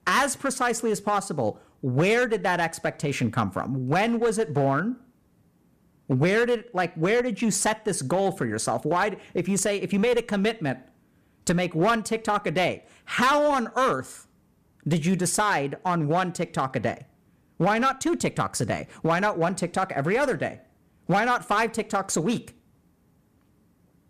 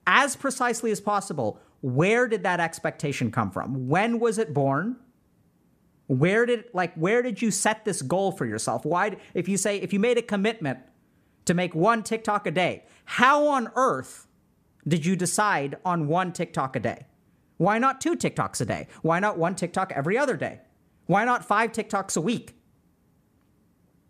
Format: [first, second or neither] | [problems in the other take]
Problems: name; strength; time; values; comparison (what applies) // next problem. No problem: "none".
second | distortion; slight; 6% of the sound clipped